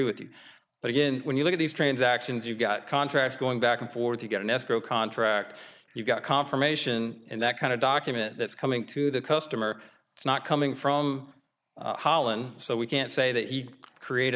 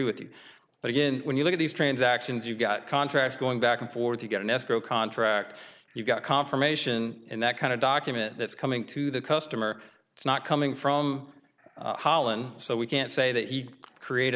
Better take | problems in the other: second | noise reduction (neural mask model Resemble Enhance denoiser)

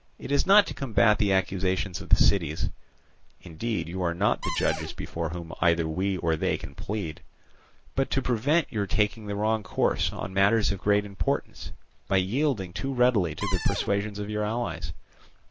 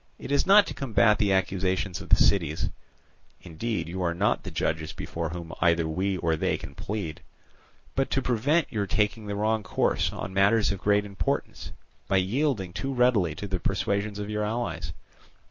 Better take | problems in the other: second | background sound (Cupboard open or close); 9 dB below the speech

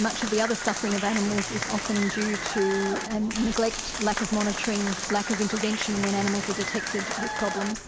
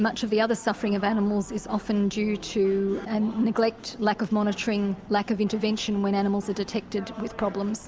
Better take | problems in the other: second | background sound (Applause); 5 dB below the speech

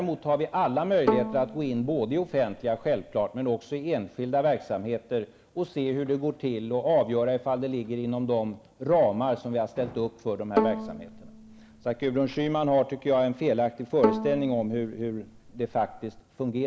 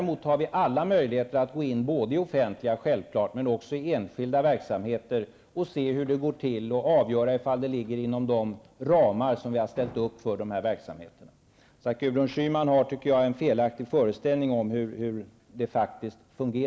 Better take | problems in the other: second | background sound (Bowed string instrument); 5 dB below the speech

